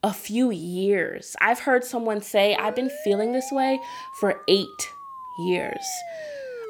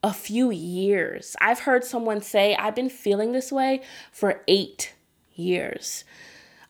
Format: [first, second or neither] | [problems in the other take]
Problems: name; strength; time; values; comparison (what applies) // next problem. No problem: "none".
second | siren; faint; from 2.5 s on; peak 10 dB below the speech